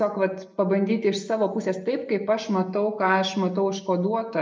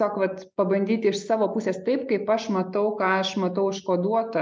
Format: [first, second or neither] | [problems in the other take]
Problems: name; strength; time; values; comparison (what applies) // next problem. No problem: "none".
second | room echo; dies away in 0.6 s